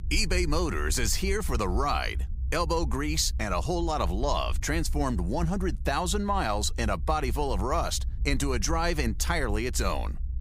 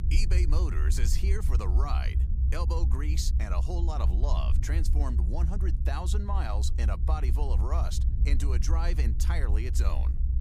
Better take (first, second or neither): first